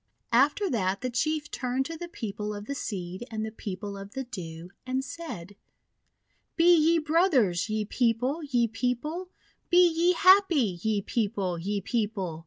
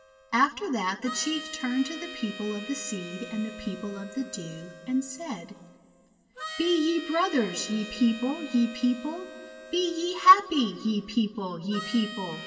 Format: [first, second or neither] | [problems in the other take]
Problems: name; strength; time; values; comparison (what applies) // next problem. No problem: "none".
first | background sound (Harmonica); 14 dB below the speech // room echo; dies away in 2.7 s